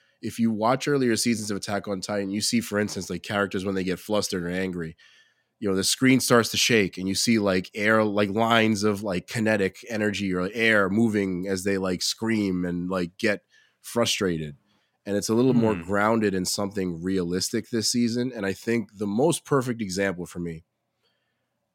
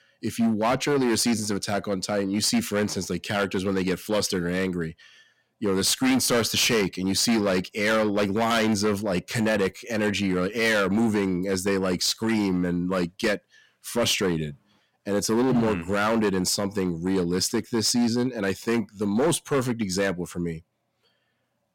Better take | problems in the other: first | distortion; heavy; 10% of the sound clipped

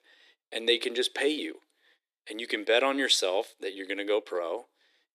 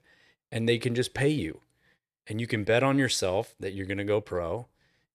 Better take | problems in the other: second | thin; somewhat; fading below 300 Hz

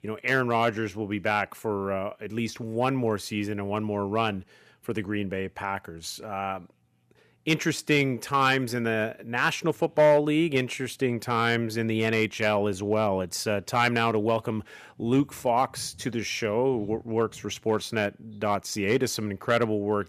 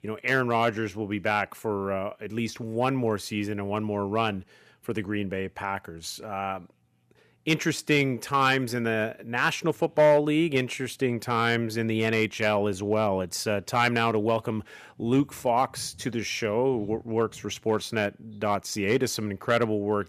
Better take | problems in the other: neither | none

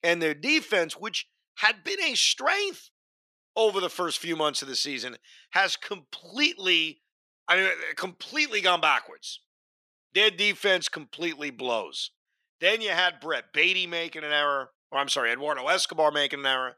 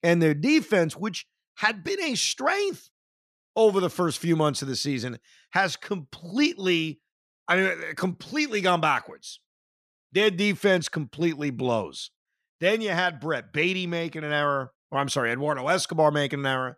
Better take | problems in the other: second | thin; somewhat; fading below 400 Hz

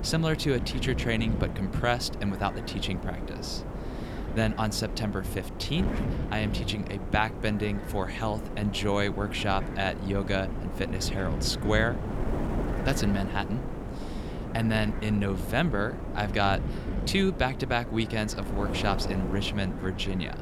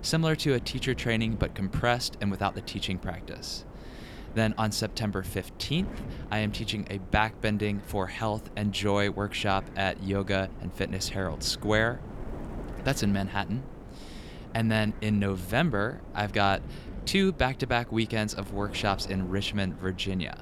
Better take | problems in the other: second | wind noise on the microphone; heavy; 9 dB below the speech; occasional gusts in the second

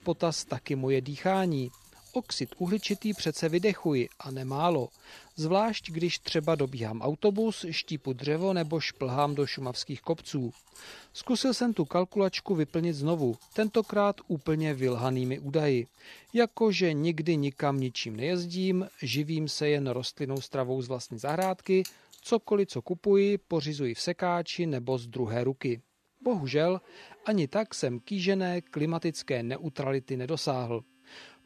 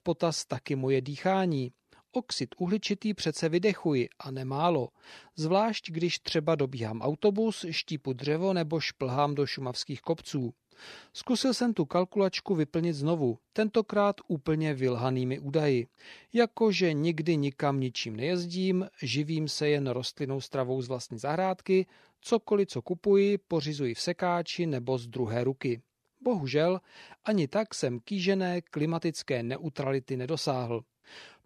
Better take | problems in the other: second | household noises; faint; throughout; 25 dB below the speech

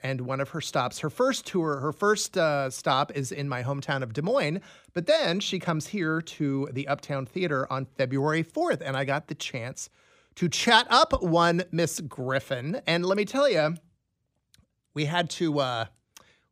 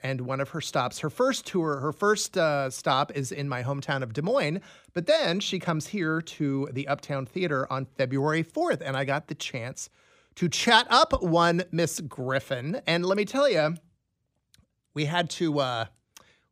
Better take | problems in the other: neither | none

